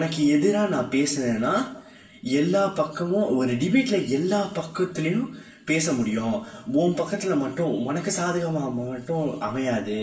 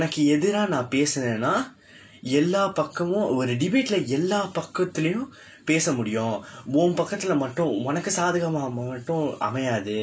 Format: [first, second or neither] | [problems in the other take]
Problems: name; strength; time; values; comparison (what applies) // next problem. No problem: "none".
second | room echo; dies away in 0.6 s